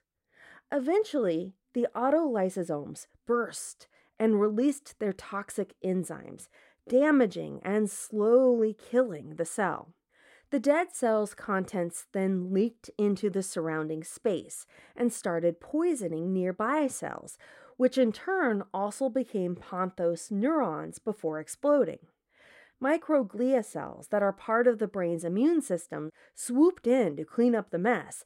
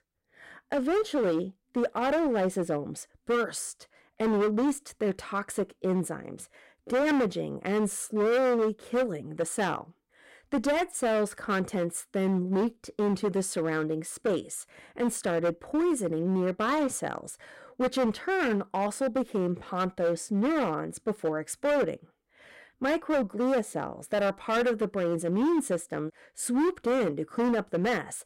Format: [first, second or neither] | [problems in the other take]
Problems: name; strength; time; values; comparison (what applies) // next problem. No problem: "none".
first | distortion; heavy; 13% of the sound clipped